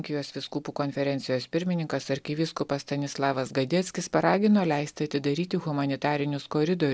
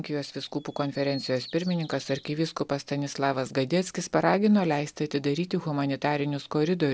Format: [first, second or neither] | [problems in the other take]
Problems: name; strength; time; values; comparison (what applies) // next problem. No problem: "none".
first | background sound (Bird vocalization, bird call, bird song); 20 dB below the speech